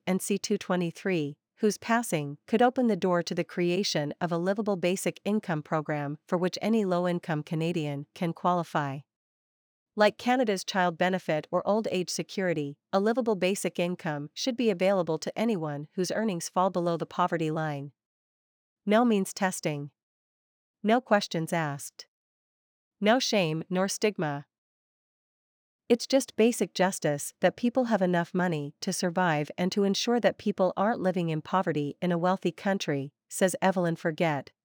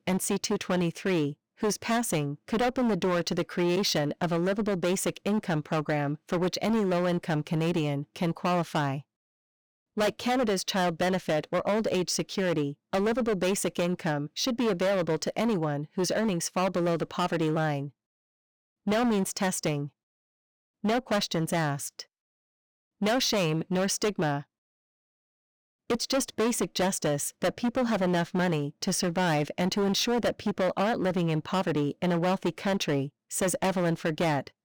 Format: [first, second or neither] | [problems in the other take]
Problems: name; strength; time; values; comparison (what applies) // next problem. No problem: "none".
first | distortion; heavy; 16% of the sound clipped